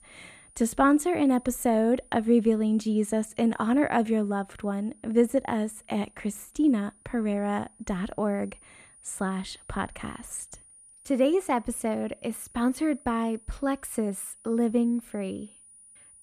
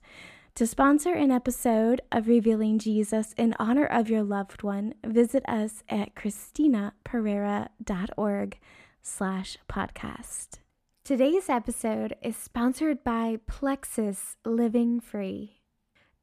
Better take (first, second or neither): second